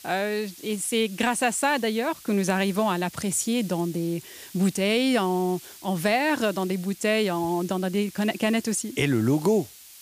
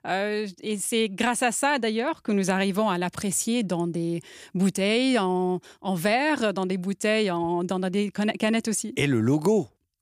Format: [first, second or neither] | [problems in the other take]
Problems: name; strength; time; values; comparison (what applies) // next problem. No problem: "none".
second | hiss; noticeable; throughout; 20 dB below the speech